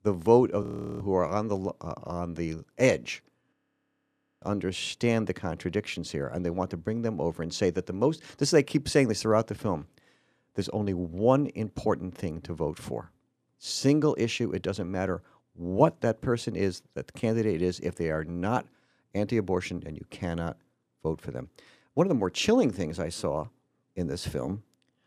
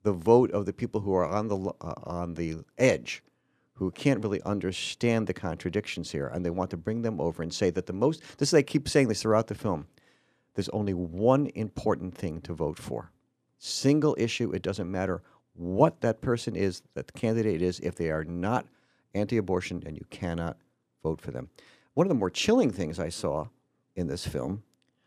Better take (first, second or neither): second